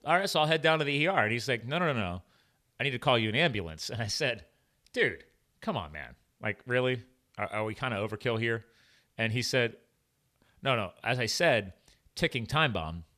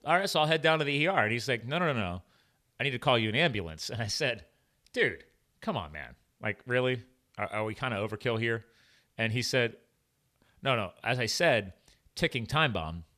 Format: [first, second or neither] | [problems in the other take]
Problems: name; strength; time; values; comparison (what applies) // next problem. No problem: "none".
neither | none